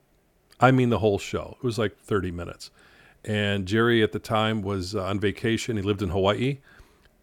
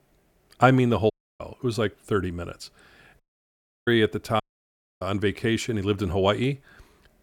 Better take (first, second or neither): first